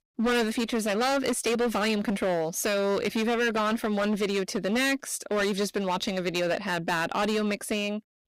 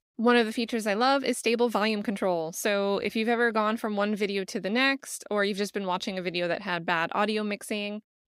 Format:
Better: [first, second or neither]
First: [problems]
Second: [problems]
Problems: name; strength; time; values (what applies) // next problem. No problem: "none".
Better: second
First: distortion; heavy; 18% of the sound clipped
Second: none